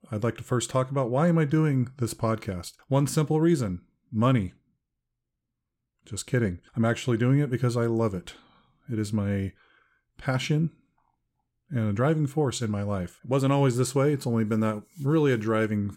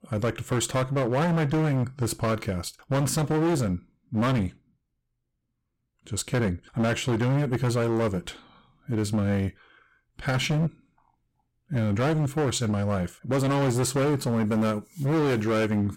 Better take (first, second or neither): first